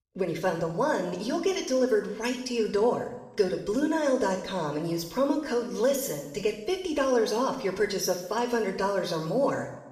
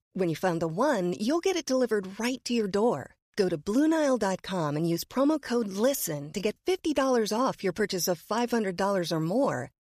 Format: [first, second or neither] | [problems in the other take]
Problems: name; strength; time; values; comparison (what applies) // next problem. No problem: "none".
second | room echo; noticeable; dies away in 0.8 s // off-mic speech; somewhat distant